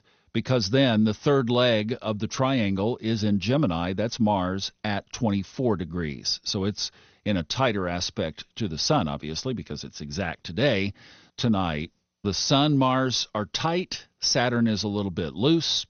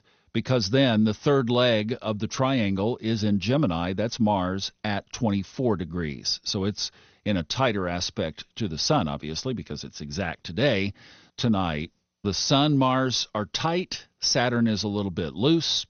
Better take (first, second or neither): neither